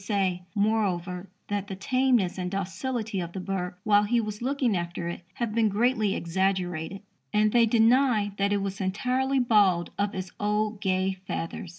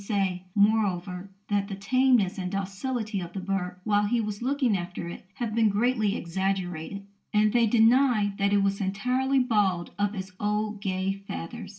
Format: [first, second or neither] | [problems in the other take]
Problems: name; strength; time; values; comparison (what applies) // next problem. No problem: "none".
first | room echo; dies away in 0.2 s